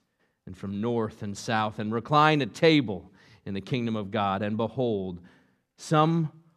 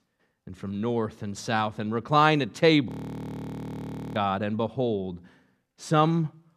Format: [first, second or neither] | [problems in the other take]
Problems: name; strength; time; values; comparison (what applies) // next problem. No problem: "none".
first | audio freezing; at 3 s for 1.5 s